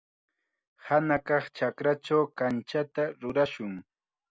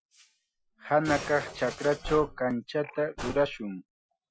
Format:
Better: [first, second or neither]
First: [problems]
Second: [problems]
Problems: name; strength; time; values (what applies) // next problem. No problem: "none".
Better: first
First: none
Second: noise reduction (classical method Wiener filter)